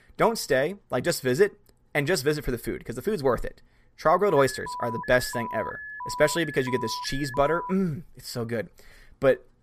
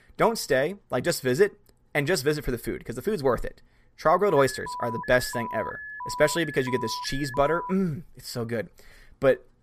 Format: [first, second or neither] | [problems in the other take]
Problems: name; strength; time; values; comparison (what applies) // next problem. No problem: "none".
neither | alarm; noticeable; from 4.5 to 7.5 s; peak 8 dB below the speech; the same in both